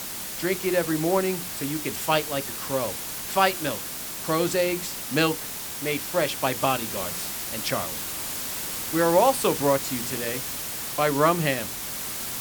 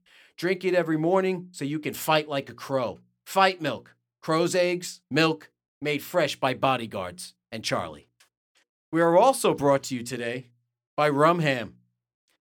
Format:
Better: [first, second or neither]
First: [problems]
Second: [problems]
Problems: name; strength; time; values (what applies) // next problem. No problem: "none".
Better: second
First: hiss; loud; throughout; 4 dB below the speech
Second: none